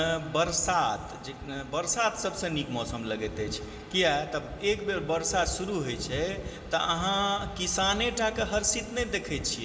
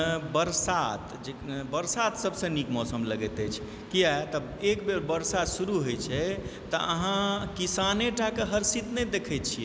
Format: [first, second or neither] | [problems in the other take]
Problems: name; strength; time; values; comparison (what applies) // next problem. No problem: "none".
second | room echo; dies away in 1.8 s